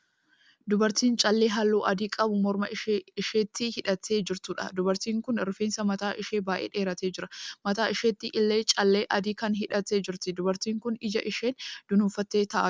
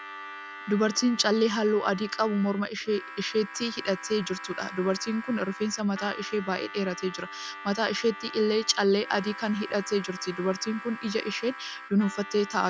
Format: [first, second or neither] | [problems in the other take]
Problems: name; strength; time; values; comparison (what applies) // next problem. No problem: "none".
first | background sound (Harmonica); 13 dB below the speech